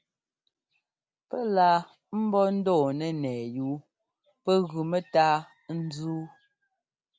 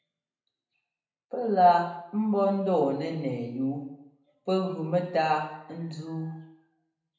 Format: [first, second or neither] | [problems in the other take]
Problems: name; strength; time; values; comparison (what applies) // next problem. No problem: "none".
first | room echo; dies away in 0.7 s